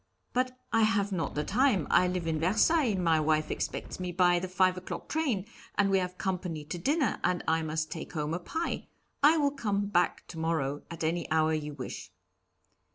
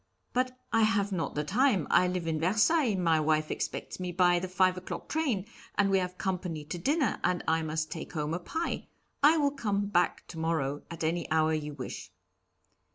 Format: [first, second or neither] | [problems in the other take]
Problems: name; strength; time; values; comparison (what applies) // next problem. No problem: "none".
second | background sound (Wind); 14 dB below the speech